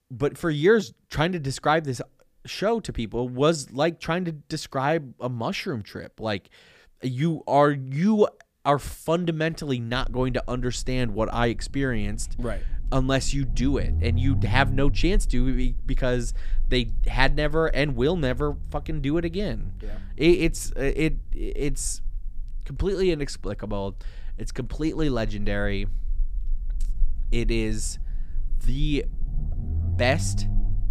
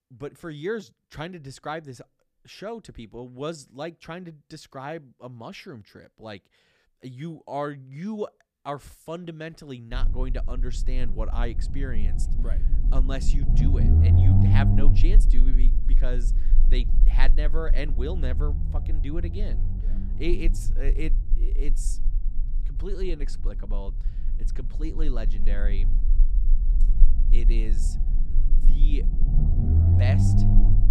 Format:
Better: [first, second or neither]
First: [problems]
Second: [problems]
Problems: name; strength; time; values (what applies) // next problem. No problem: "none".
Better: first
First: low rumble; faint; from 10 s on; 25 dB below the speech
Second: low rumble; loud; from 10 s on; 4 dB below the speech